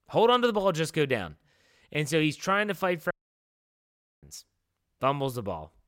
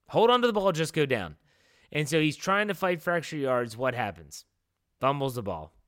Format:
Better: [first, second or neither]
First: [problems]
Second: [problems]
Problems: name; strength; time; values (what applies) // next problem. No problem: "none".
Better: second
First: audio cutting out; at 3 s for 1 s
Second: none